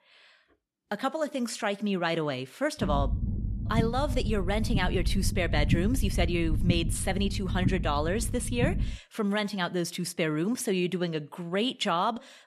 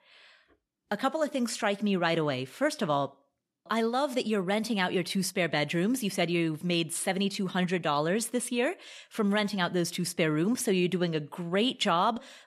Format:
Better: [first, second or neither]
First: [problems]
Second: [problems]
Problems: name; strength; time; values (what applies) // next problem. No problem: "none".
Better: second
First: low rumble; noticeable; from 3 to 9 s; 10 dB below the speech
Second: none